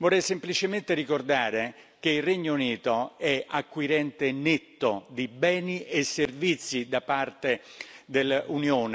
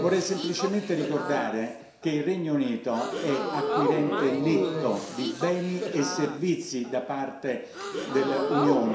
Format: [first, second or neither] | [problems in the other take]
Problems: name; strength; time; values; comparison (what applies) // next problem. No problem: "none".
first | background sound (Crowd / Gasp); 4 dB below the speech // room echo; dies away in 0.7 s